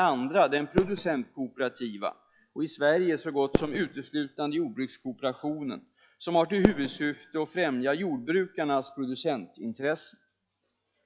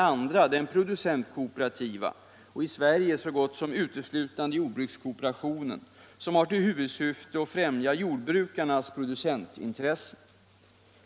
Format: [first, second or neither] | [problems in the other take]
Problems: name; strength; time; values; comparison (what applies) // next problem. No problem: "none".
second | noise reduction (classical method log-MMSE)